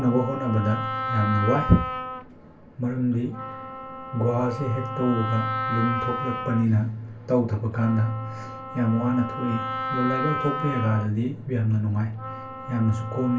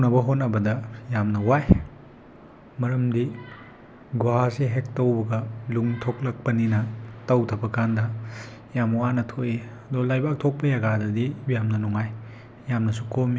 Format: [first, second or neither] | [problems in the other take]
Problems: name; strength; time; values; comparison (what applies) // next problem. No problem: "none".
second | background sound (Wind instrument, woodwind instrument); 7 dB below the speech // room echo; dies away in 0.2 s